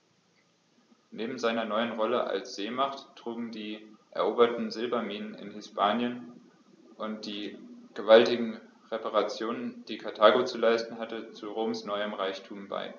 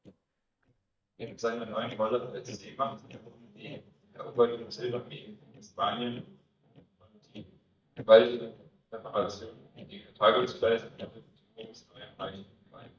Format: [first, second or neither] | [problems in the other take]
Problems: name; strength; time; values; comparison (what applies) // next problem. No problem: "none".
first | noise reduction (neural mask model DeepFilterNet 3)